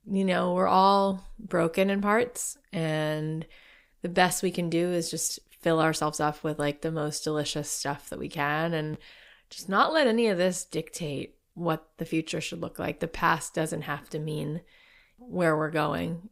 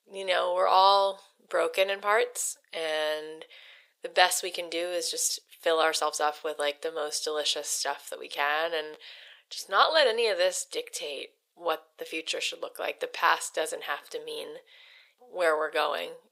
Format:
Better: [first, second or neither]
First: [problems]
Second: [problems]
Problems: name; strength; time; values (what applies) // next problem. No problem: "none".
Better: first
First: none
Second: thin; very; fading below 500 Hz